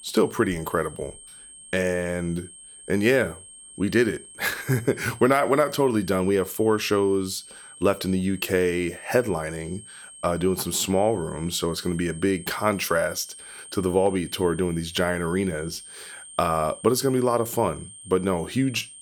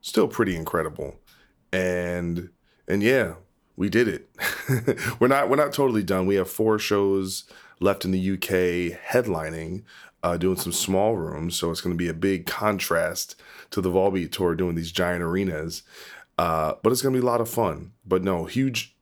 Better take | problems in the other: second | high-pitched whine; noticeable; throughout; 8.5 kHz, 15 dB below the speech

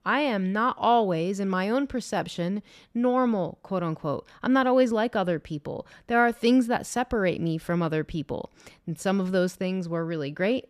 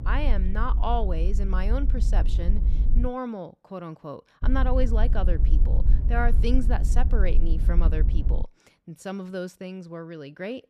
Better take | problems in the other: first | low rumble; noticeable; until 3 s and from 4.5 to 8.5 s; 10 dB below the speech

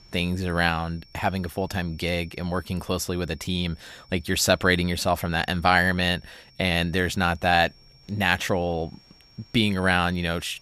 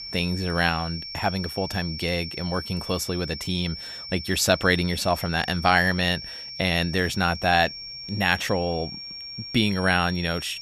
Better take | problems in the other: first | high-pitched whine; loud; throughout; 5.5 kHz, 10 dB below the speech; faint in the first

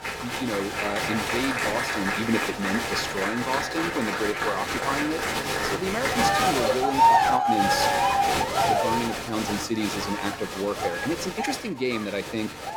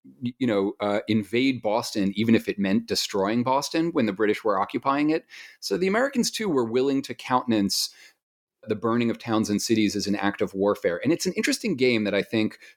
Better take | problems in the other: second | crowd noise; very loud; throughout; 5 dB above the speech

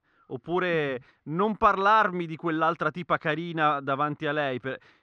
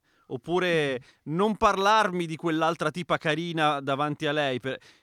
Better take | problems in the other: second | muffled; slightly; fading above 3 kHz

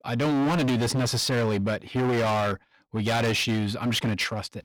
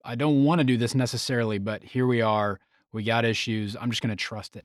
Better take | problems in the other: second | distortion; heavy; 26% of the sound clipped

